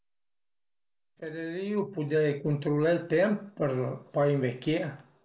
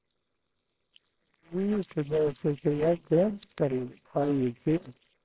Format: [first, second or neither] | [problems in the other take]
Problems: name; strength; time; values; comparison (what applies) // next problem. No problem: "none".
first | noise reduction (neural separator model SepFormer WHAMR!)